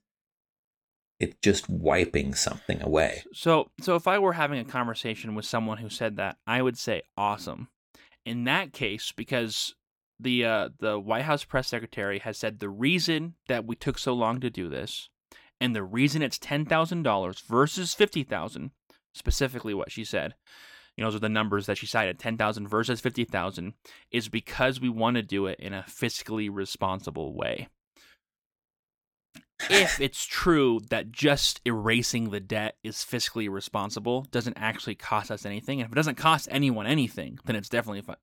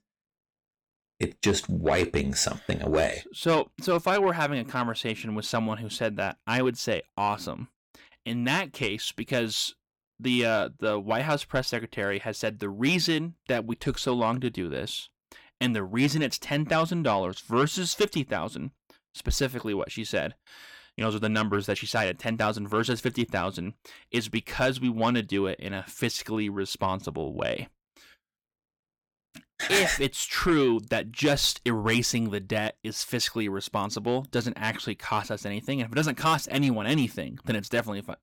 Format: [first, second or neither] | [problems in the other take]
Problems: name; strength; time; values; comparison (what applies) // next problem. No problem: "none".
first | distortion; slight; 10 dB below the speech